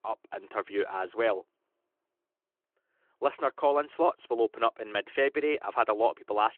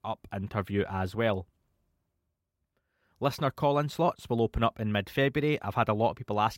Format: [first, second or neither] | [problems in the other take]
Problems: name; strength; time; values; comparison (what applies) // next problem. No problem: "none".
second | phone-call audio